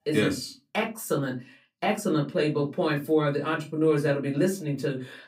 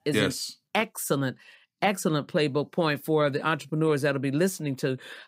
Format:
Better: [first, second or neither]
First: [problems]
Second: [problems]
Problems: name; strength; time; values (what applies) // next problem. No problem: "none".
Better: second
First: off-mic speech; somewhat distant // room echo; very slight; dies away in 0.2 s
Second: none